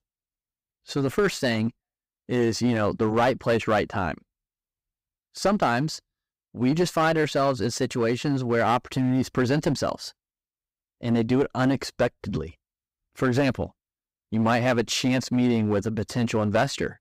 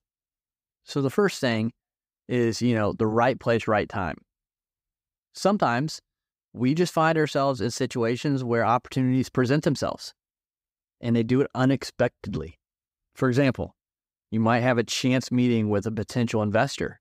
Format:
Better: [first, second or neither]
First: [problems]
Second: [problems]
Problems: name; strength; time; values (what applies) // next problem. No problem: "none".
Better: second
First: distortion; slight; 5% of the sound clipped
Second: none